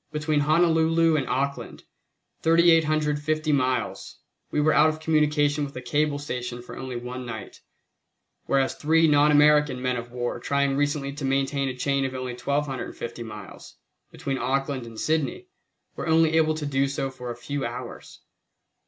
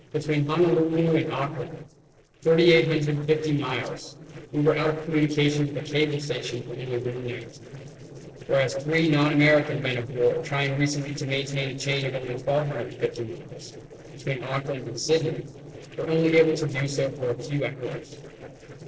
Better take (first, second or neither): first